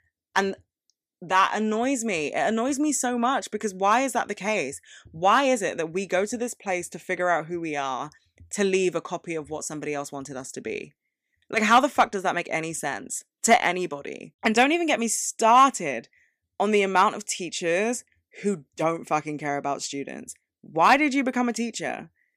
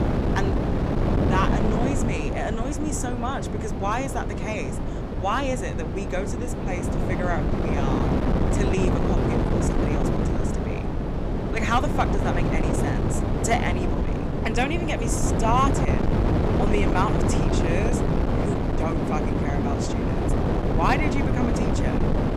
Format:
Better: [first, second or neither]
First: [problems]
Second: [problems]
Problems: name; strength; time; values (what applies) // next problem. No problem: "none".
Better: first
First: none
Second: wind noise on the microphone; heavy; 1 dB below the speech